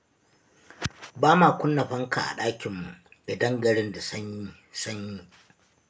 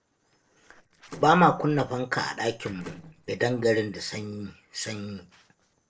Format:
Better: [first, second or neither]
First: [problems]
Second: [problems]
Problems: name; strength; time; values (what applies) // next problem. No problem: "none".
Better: first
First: none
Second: noise reduction (neural separator model SepFormer DNS4)